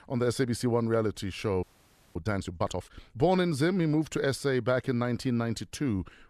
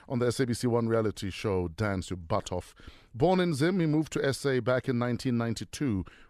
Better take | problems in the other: second | audio freezing; at 1.5 s for 0.5 s

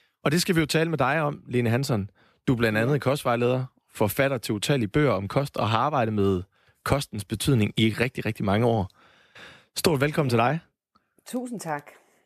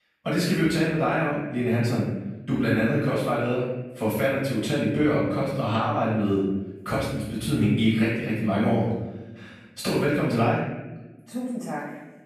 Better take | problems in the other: first | off-mic speech; far // room echo; noticeable; dies away in 1 s

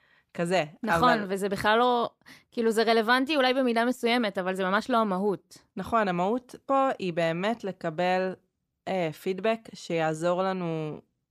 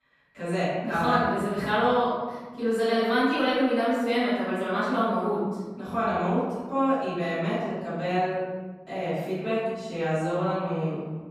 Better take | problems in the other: first | off-mic speech; far // room echo; strong; dies away in 1.5 s

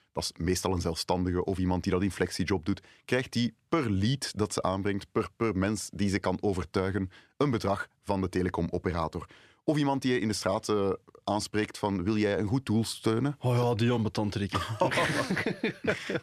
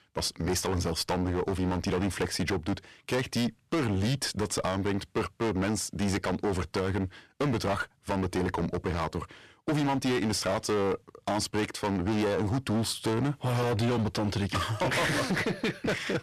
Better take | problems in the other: first | distortion; heavy; 22% of the sound clipped

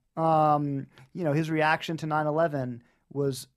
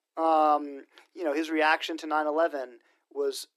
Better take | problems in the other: first | thin; somewhat; fading below 300 Hz

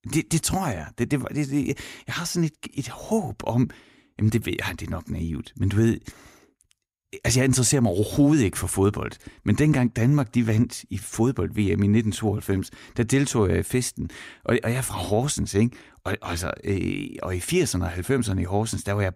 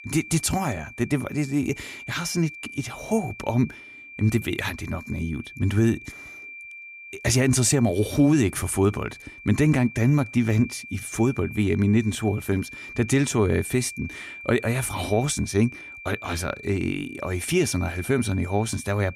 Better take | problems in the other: first | high-pitched whine; noticeable; throughout; 2.5 kHz, 15 dB below the speech

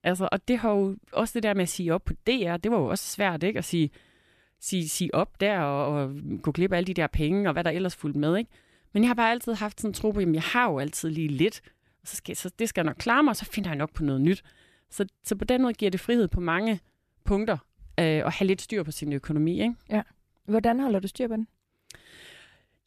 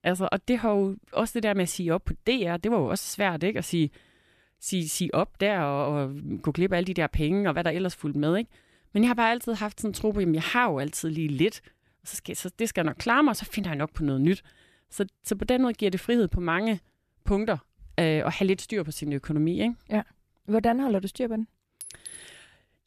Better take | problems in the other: first | clattering dishes; faint; at 22 s; peak 15 dB below the speech

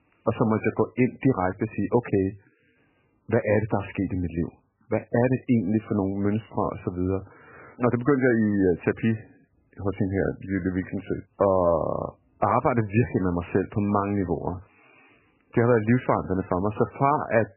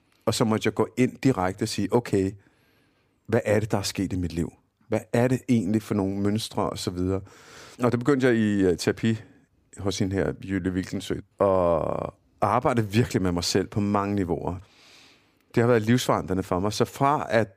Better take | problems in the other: second | garbled, watery; badly; nothing above 2.5 kHz

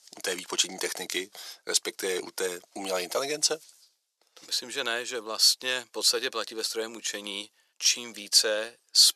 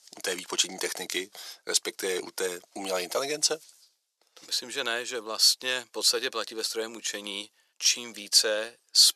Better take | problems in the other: neither | thin; very; fading below 500 Hz; the same in both

